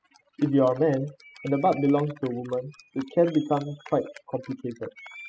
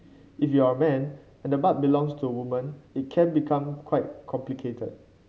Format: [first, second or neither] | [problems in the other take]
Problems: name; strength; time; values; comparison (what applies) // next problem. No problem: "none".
second | noise reduction (classical method spectral subtraction)